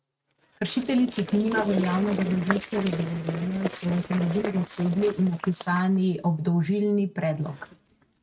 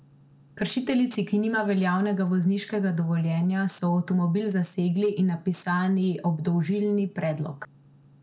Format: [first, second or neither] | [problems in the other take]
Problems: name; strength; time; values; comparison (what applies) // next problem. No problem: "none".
second | noise reduction (neural mask model RNNoise)